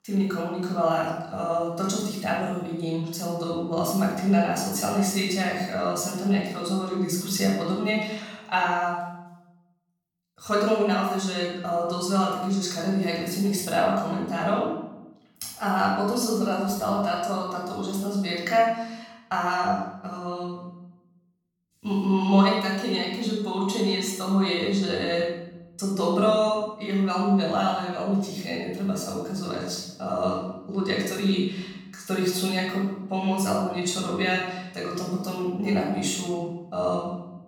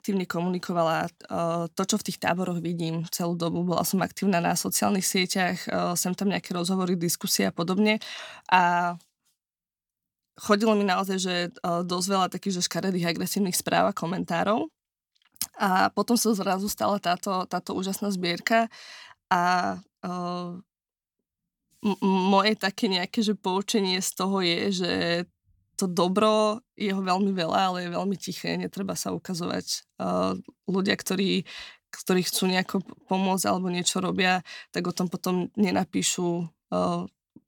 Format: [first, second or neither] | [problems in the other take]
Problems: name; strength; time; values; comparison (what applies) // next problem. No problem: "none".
second | off-mic speech; far // room echo; strong; dies away in 0.8 s